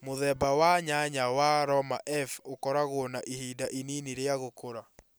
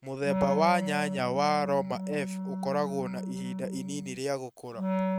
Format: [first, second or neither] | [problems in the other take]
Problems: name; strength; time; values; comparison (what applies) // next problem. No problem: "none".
first | noise reduction (neural mask model RNNoise)